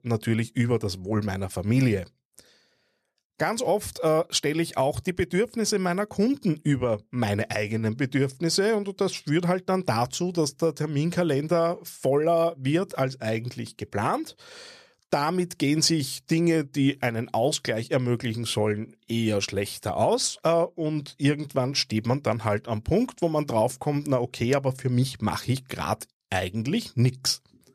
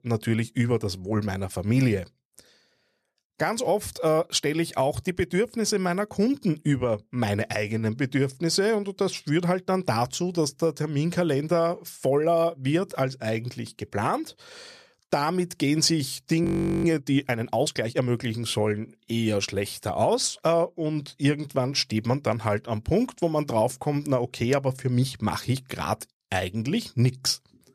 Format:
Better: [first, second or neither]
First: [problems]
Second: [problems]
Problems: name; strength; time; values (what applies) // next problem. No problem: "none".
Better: first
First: none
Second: audio freezing; at 16 s